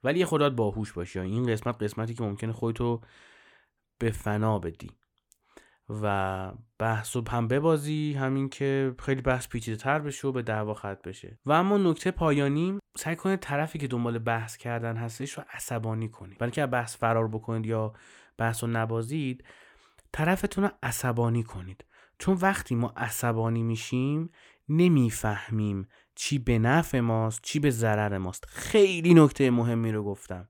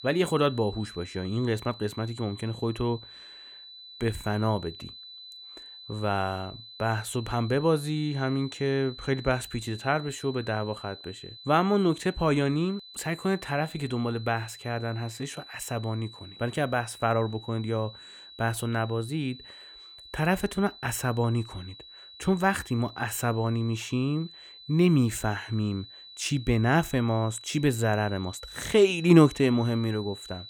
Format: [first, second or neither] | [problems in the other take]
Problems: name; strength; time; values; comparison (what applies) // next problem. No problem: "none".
first | high-pitched whine; noticeable; throughout; 4 kHz, 15 dB below the speech